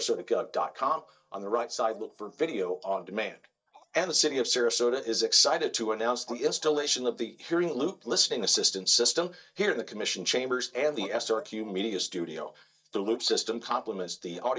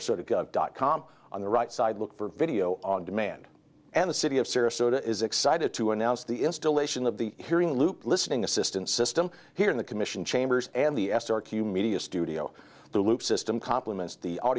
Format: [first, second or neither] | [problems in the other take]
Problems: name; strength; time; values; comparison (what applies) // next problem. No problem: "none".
second | noise reduction (neural mask model DeepFilterNet 3)